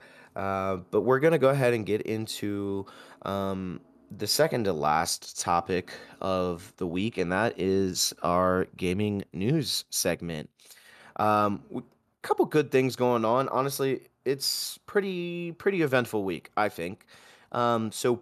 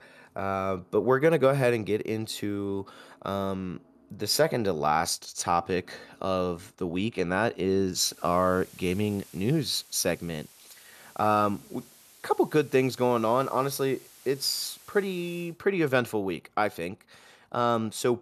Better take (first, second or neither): first